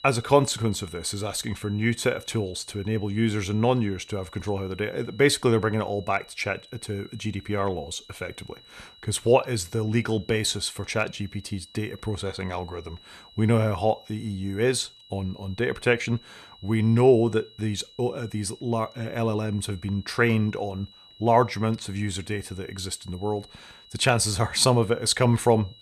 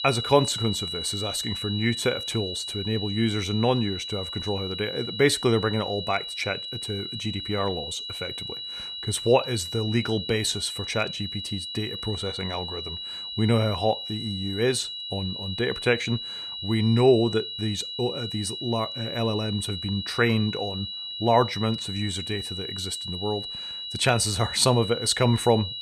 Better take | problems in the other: first | high-pitched whine; loud; throughout; 4 kHz, 6 dB below the speech; faint in the first

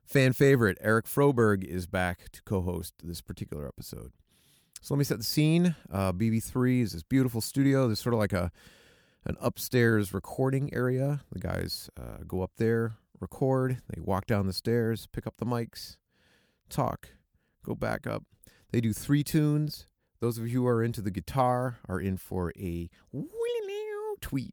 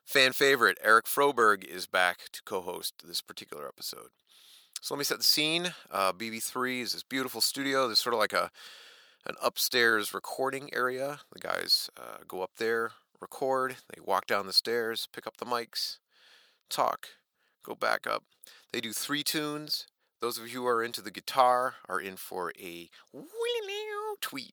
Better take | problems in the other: first | thin; very; fading below 600 Hz

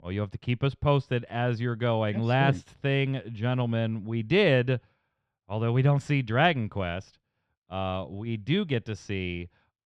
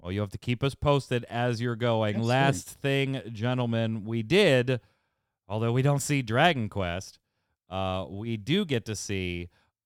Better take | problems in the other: second | muffled; slightly; fading above 3 kHz

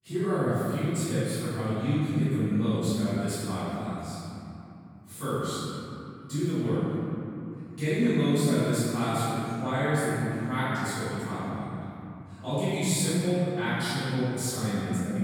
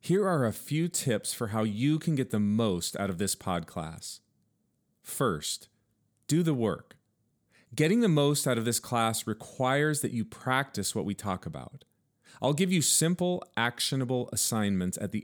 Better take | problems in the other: second | off-mic speech; far // room echo; strong; dies away in 3 s

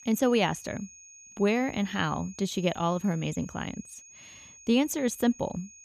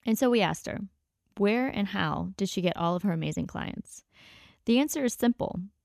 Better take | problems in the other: second | high-pitched whine; noticeable; throughout; 6.5 kHz, 20 dB below the speech

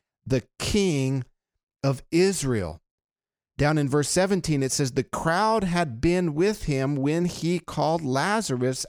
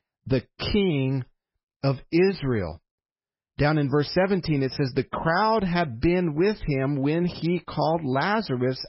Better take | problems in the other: first | garbled, watery; badly; nothing above 5.5 kHz

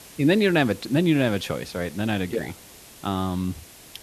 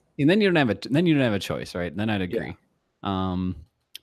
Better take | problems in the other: second | hiss; faint; throughout; 20 dB below the speech

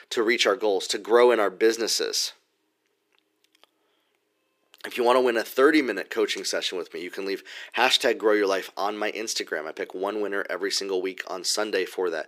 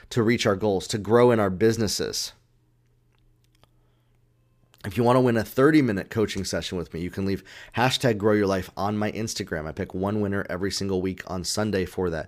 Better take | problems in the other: second | thin; somewhat; fading below 350 Hz

